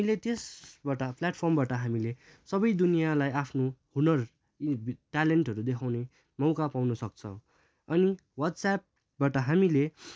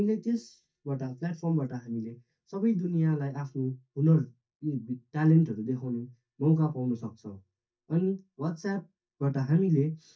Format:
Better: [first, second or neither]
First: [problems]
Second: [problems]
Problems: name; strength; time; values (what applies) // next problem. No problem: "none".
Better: first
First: none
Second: noise reduction (neural mask model DeepFilterNet 3)